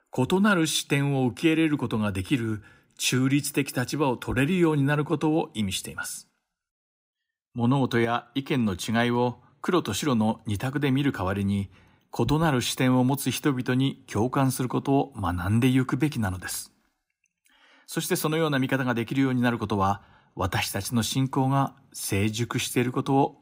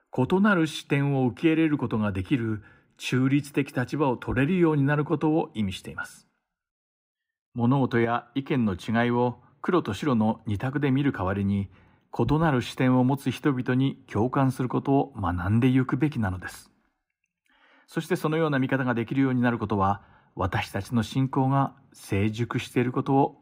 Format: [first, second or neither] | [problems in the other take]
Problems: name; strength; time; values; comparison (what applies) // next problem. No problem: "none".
first | muffled; slightly; fading above 3.5 kHz